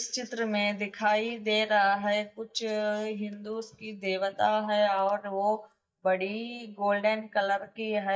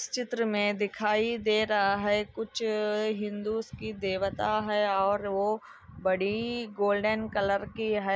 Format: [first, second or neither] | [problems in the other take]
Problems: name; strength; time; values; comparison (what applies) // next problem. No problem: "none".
second | noise reduction (neural mask model DeepFilterNet 3)